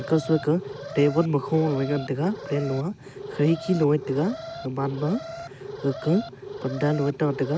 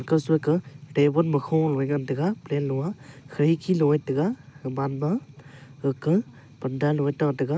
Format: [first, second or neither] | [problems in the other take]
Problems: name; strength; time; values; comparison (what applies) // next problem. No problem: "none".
second | background sound (Alarm); 12 dB below the speech